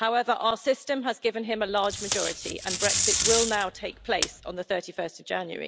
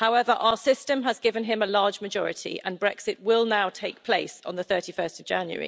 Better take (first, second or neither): second